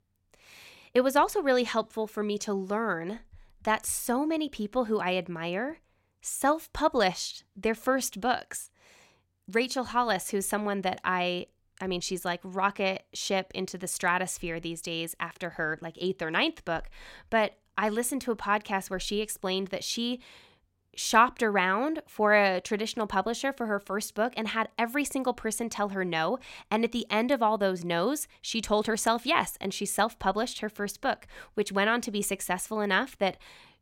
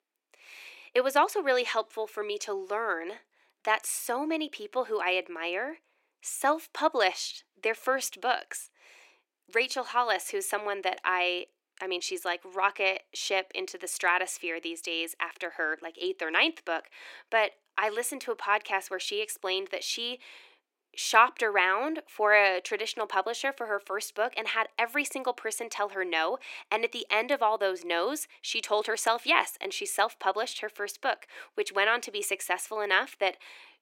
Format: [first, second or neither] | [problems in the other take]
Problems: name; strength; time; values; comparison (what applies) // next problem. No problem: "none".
first | thin; somewhat; fading below 300 Hz